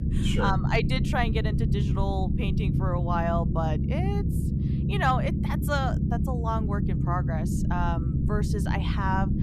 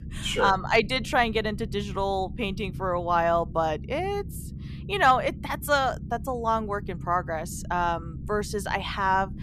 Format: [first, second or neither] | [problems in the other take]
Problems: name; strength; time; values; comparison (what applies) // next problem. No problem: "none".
second | low rumble; loud; throughout; 7 dB below the speech; faint in the second